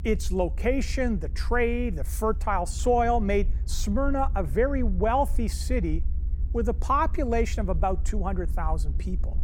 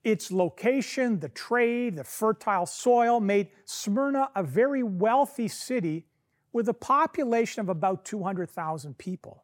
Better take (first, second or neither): second